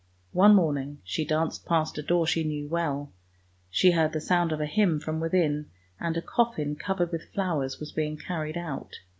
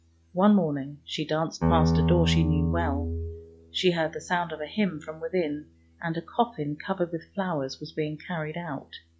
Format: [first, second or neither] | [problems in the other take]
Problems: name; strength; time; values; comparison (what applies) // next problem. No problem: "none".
first | noise reduction (classical method log-MMSE)